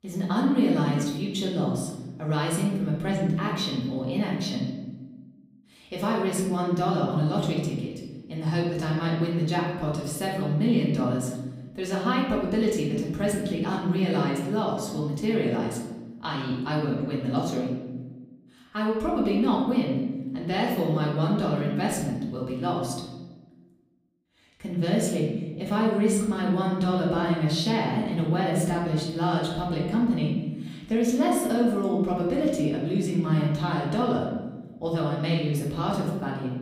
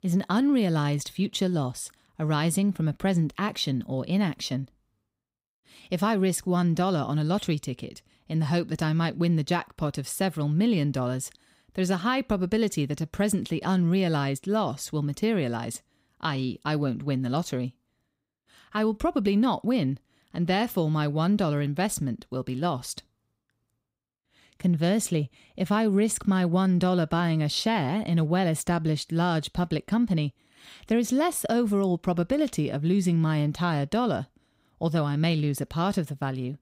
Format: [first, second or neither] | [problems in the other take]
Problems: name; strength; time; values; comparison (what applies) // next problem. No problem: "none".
second | room echo; noticeable; dies away in 1.1 s // off-mic speech; far